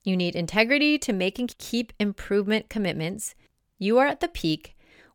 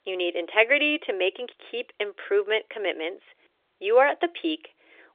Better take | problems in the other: first | phone-call audio; nothing above 3 kHz

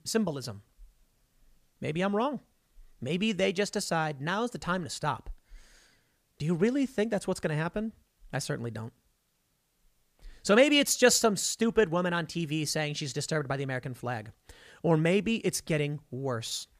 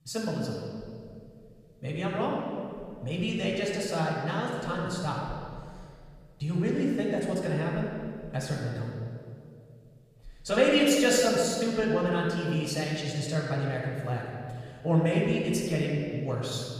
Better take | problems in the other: first | off-mic speech; far // room echo; noticeable; dies away in 2.1 s

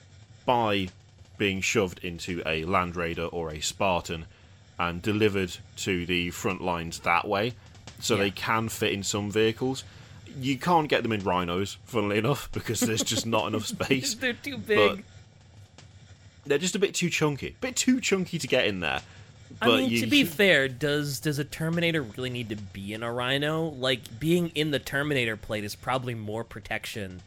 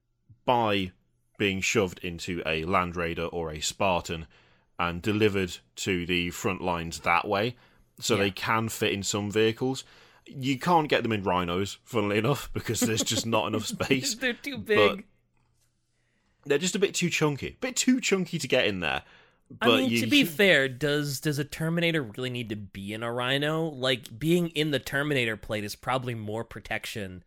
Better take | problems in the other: second | hiss; faint; throughout; 25 dB below the speech

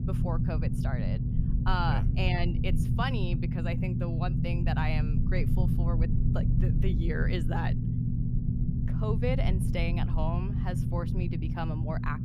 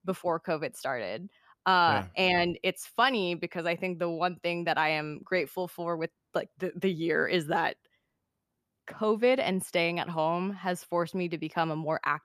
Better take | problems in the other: second | low rumble; loud; throughout; 4 dB below the speech

